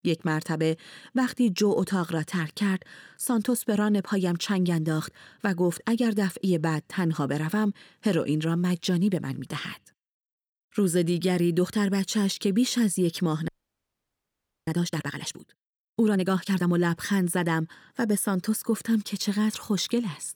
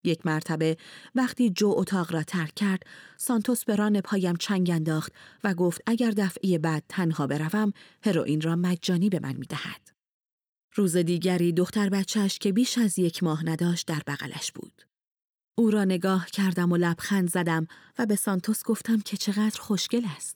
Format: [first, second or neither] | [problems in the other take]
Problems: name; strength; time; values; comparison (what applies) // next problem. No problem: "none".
second | audio freezing; at 13 s for 1 s